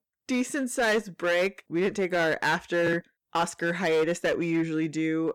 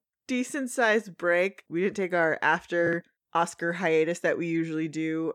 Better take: second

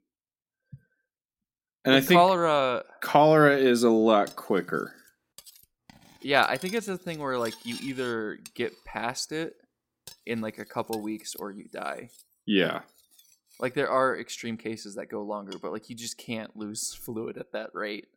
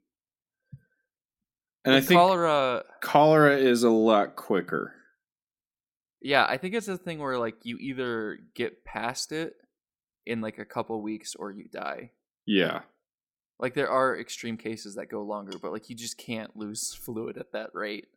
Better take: second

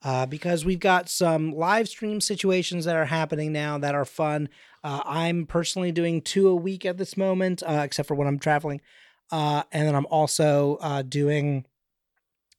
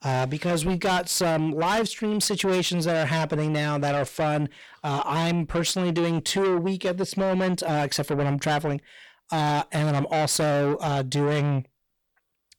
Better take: first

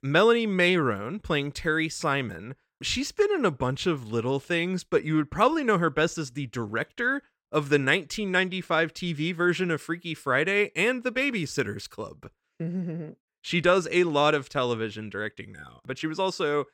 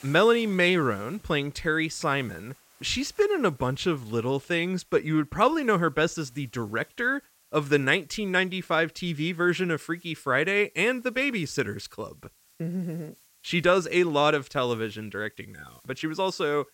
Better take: first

